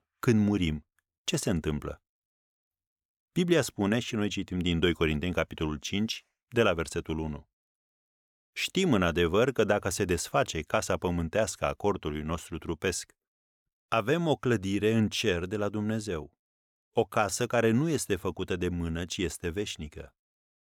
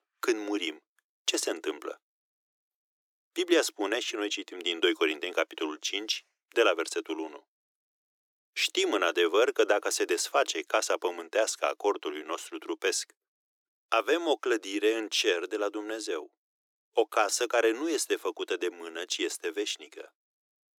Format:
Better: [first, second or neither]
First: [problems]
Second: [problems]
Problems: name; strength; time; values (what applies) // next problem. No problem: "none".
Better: first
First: none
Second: thin; very; fading below 300 Hz